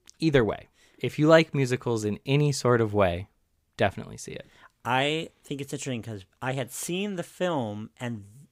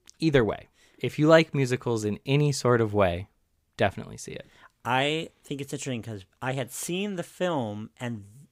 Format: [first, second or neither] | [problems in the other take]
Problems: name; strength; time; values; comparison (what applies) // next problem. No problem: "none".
neither | none